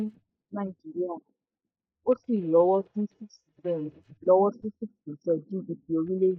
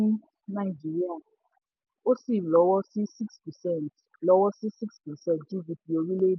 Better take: second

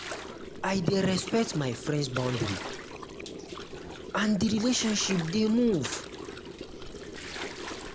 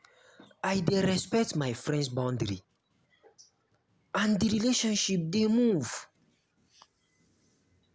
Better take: second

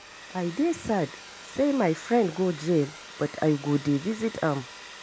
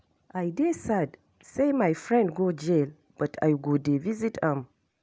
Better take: second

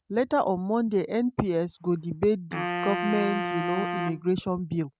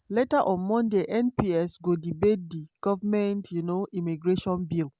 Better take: second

